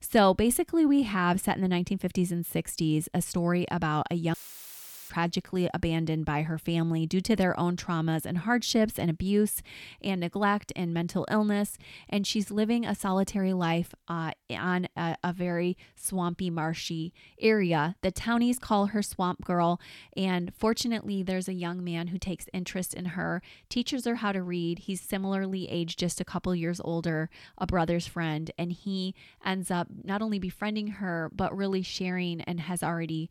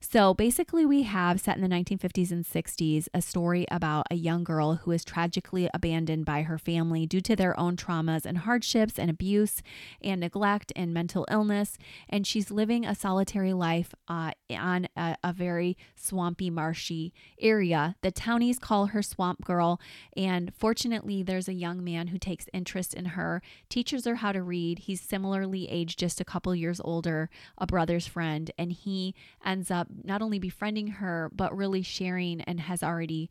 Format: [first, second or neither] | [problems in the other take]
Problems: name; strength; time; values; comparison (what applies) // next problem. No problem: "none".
second | audio cutting out; filled with static; at 4.5 s for 1 s